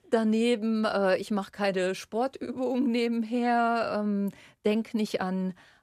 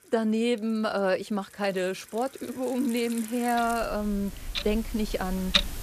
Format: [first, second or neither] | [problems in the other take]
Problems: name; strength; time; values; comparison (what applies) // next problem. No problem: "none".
first | household noises; loud; throughout; 5 dB below the speech